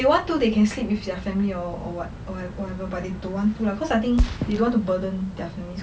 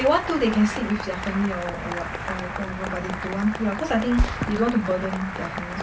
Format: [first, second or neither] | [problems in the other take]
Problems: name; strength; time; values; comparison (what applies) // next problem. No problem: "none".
first | background sound (Applause); 8 dB below the speech